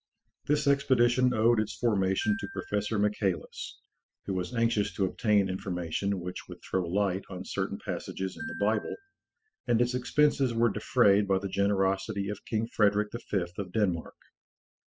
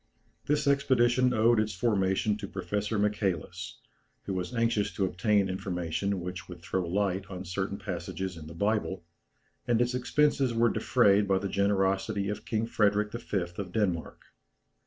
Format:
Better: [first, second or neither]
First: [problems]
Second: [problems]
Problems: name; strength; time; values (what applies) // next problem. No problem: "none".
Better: second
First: noise reduction (classical method spectral subtraction)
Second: none